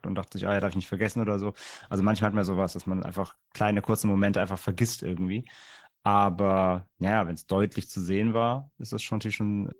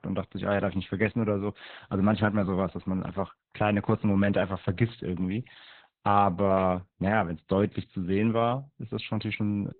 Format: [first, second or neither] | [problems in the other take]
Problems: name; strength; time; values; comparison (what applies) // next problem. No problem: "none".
first | garbled, watery; badly; nothing above 4 kHz; slightly in the first